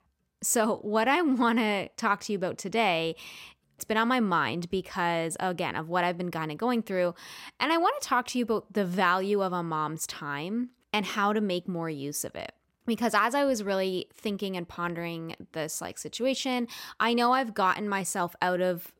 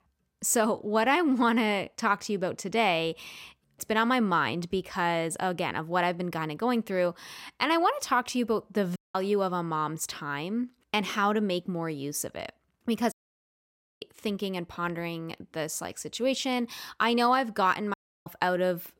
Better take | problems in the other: first | audio cutting out; at 9 s, at 13 s for 1 s and at 18 s

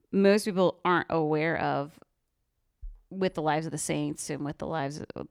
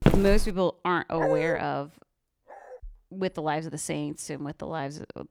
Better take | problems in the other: first | footsteps; loud; at the start; peak 5 dB above the speech // dog barking; loud; at 1 s; peak 2 dB above the speech // dog barking; faint; at 2.5 s; peak 20 dB below the speech

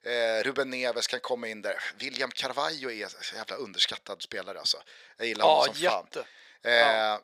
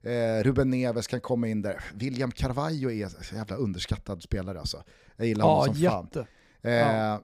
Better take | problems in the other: second | thin; very; fading below 600 Hz

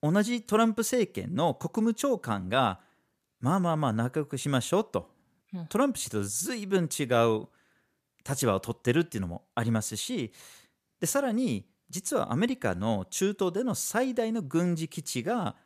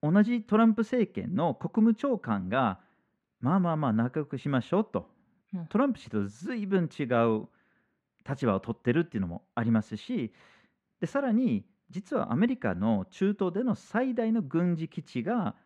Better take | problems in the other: first | muffled; very; fading above 2 kHz

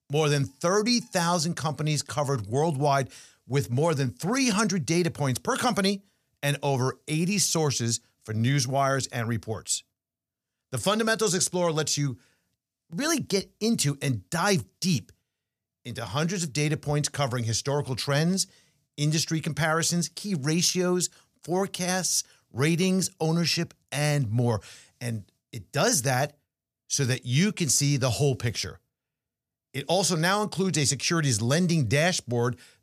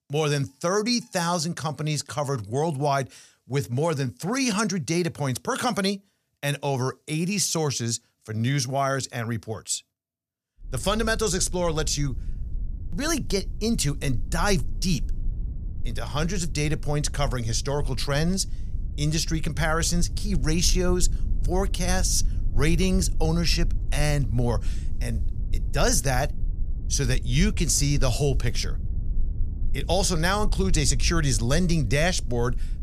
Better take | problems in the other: first | low rumble; faint; from 11 s on; 20 dB below the speech

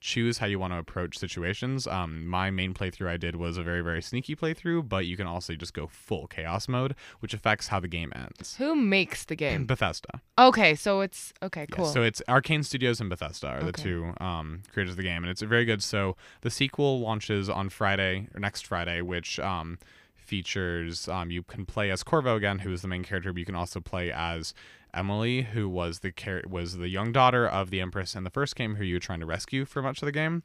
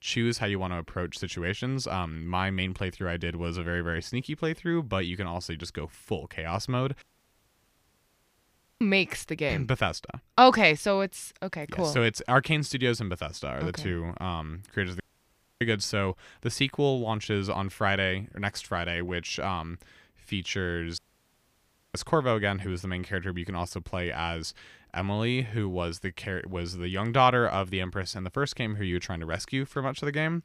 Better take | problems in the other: first | audio cutting out; at 7 s for 2 s, at 15 s for 0.5 s and at 21 s for 1 s

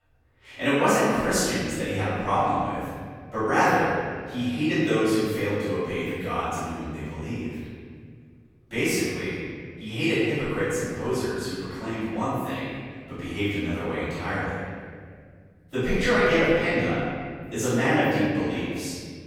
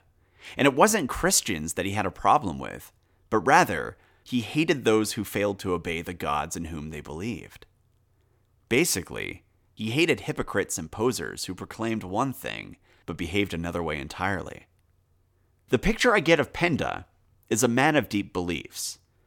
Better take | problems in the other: second | off-mic speech; far // room echo; strong; dies away in 2 s

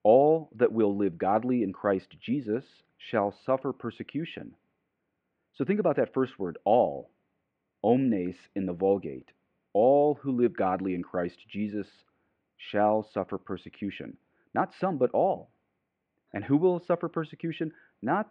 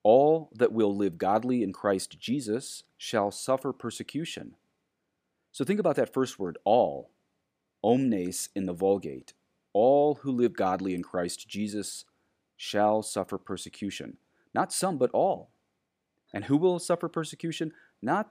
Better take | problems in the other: second | muffled; very; fading above 2.5 kHz

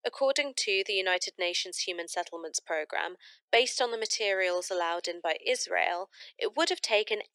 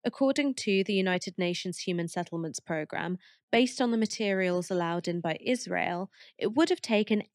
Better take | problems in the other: second | thin; very; fading below 450 Hz

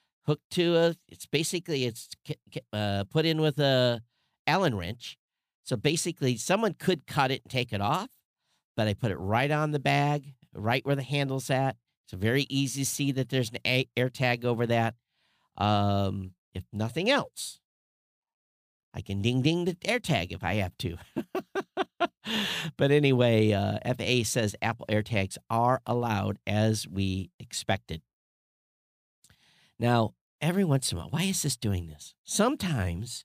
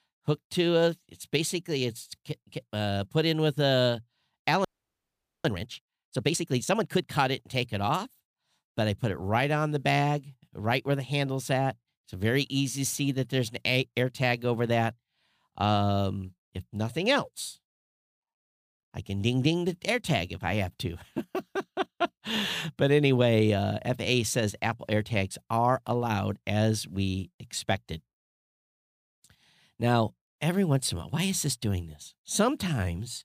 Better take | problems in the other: first | audio freezing; at 4.5 s for 1 s

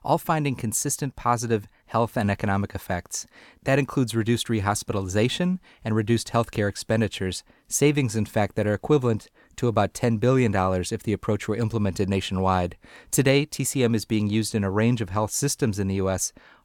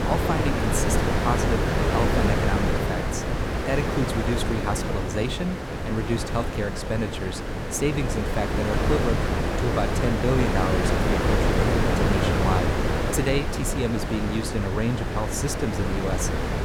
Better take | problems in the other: first | wind noise on the microphone; heavy; 3 dB above the speech

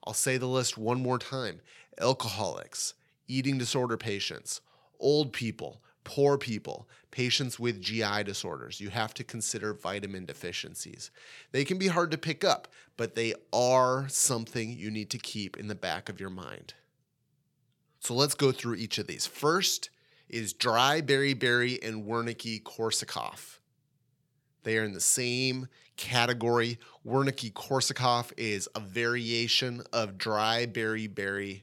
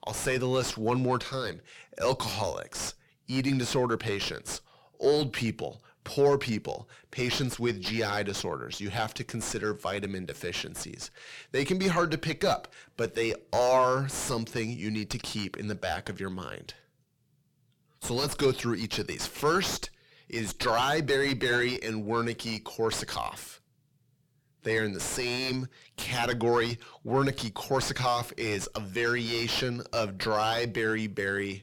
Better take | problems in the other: first | distortion; heavy; 4 dB below the speech

